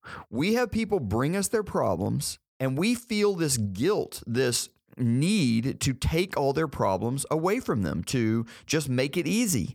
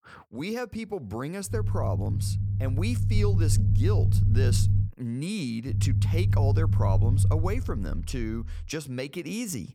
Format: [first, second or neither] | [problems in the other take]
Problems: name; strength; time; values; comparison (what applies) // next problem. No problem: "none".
first | low rumble; loud; from 1.5 to 5 s and from 5.5 to 8.5 s; 4 dB below the speech